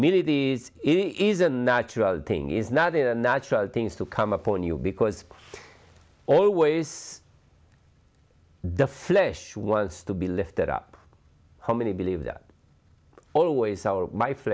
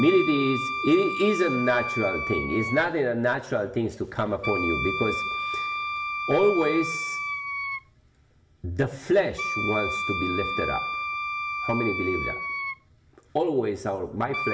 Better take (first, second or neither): first